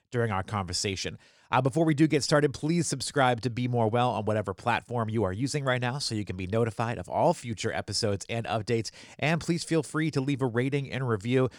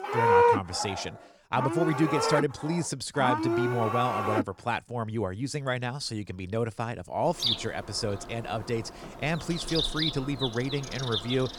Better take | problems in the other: first | animal sounds; very loud; throughout; 2 dB above the speech

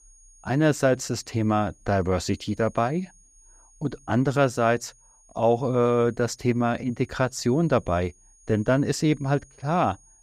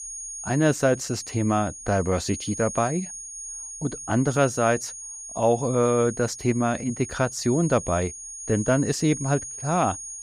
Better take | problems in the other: first | high-pitched whine; loud; throughout; 6.5 kHz, 10 dB below the speech; faint in the first

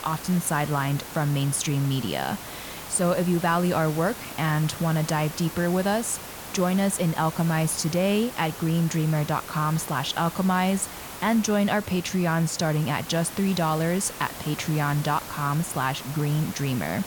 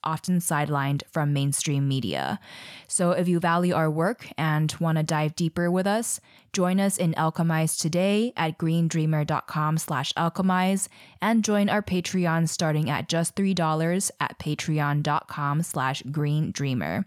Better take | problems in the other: second | hiss; noticeable; throughout; 10 dB below the speech

